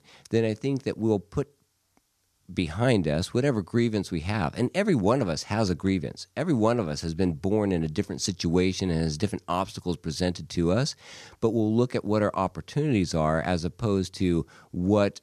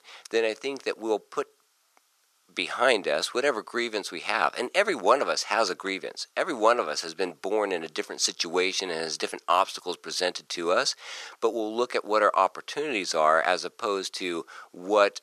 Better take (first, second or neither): first